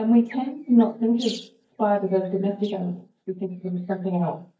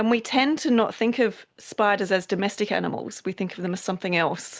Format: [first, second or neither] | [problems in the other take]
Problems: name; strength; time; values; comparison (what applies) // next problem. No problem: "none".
second | noise reduction (neural mask model DeepFilterNet 3)